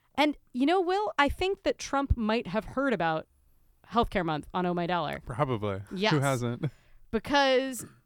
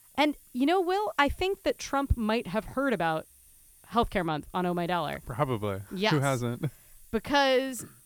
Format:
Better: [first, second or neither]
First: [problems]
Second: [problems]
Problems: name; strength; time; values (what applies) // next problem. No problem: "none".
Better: first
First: none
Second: hiss; faint; throughout; 25 dB below the speech